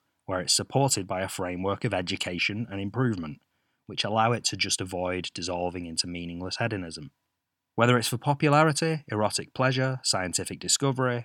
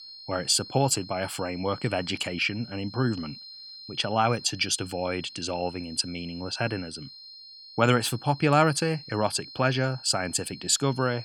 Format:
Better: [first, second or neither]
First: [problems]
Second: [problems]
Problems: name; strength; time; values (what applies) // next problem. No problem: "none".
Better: first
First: none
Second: high-pitched whine; noticeable; throughout; 4 kHz, 15 dB below the speech